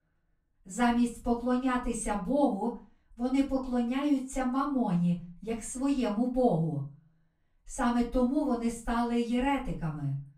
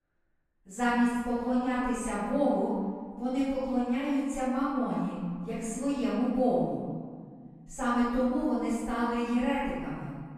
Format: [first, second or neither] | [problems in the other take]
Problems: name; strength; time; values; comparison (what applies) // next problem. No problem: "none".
first | room echo; strong; dies away in 1.6 s; slight in the first // off-mic speech; far; far in the first